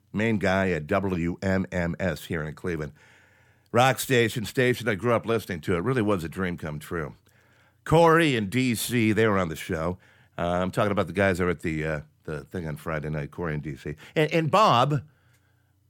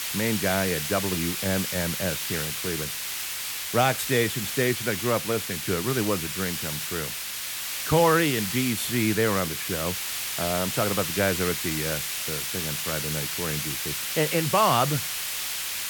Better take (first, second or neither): first